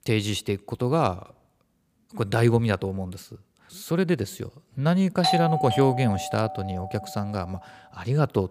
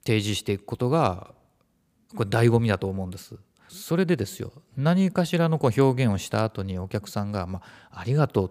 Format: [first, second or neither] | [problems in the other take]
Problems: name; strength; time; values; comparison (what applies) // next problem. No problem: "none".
second | doorbell; loud; from 5 to 7 s; peak 1 dB above the speech